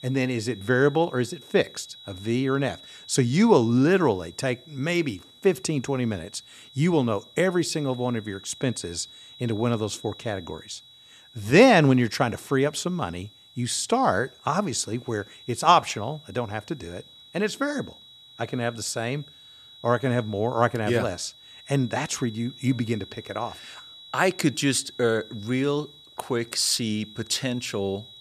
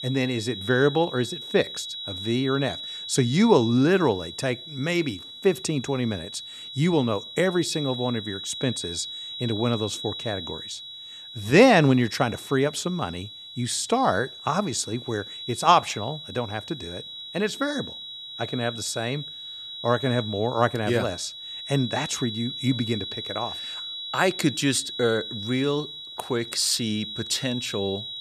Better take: first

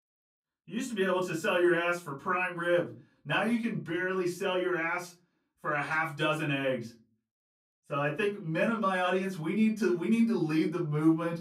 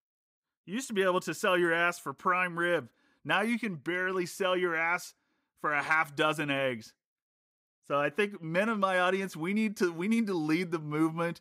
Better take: second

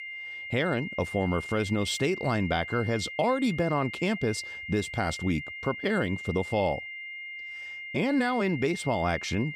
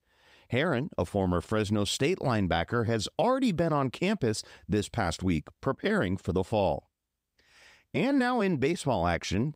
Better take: second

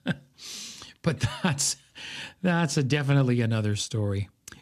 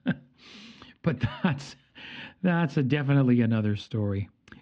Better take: first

